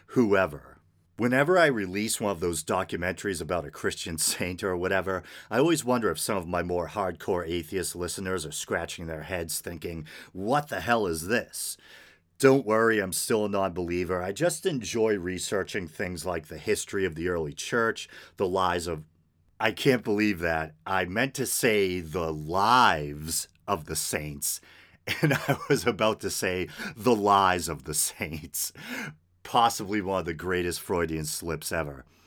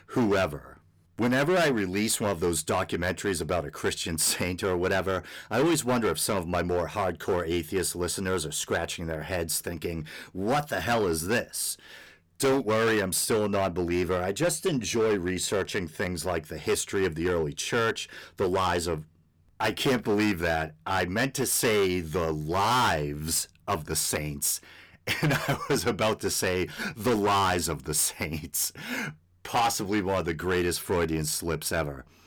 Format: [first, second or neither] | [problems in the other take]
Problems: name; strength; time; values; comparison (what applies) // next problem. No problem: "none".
first | distortion; heavy; 9% of the sound clipped